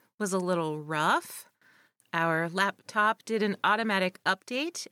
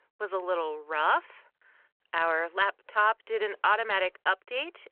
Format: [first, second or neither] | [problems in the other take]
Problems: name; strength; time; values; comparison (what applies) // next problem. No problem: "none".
first | phone-call audio